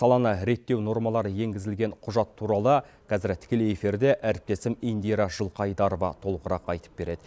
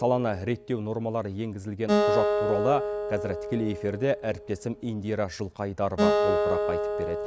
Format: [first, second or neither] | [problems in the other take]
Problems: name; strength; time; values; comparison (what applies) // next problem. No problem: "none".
first | background sound (Acoustic guitar); 1 dB above the speech